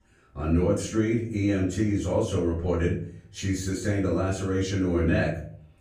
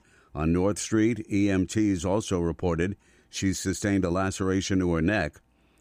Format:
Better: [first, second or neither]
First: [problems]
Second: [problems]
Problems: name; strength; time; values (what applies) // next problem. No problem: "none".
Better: second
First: off-mic speech; far // room echo; noticeable; dies away in 0.6 s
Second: none